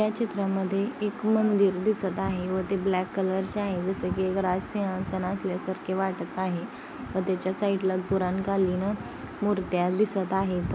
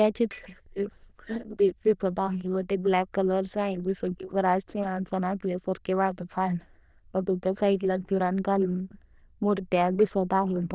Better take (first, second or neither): first